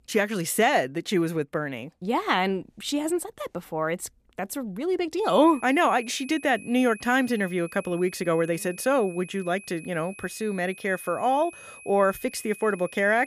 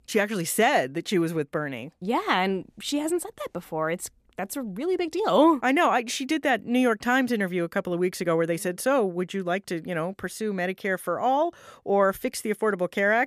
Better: second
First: high-pitched whine; noticeable; from 5 s on; 2.5 kHz, 20 dB below the speech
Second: none

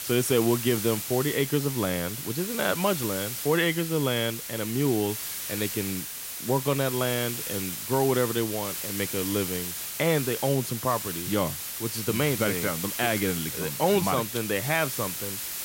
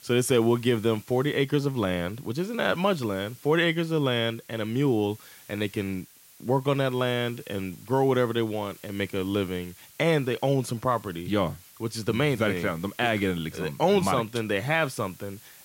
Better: second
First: hiss; loud; throughout; 4 dB below the speech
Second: hiss; faint; throughout; 25 dB below the speech

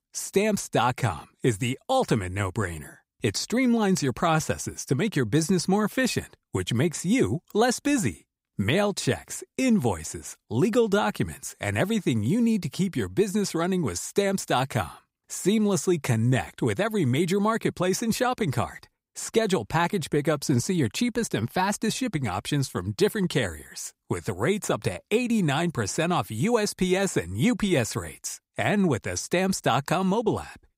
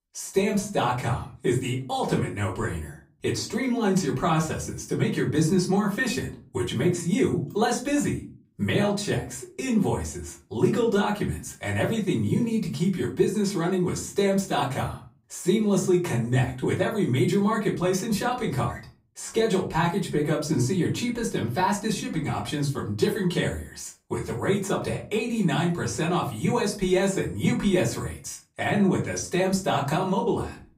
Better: first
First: none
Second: off-mic speech; far // room echo; very slight; dies away in 0.3 s

